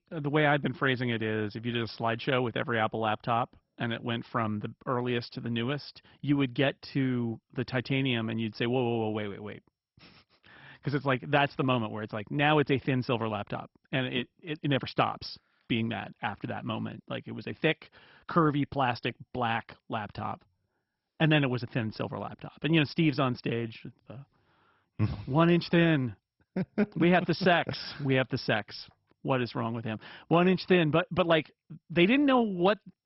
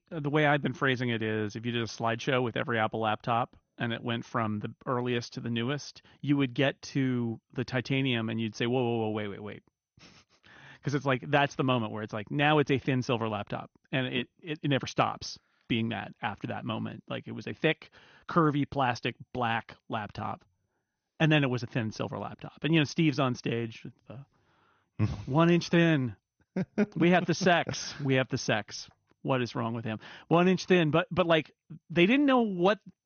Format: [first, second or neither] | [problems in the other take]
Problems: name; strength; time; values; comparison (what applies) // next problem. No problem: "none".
second | garbled, watery; badly; nothing above 5.5 kHz; slightly in the second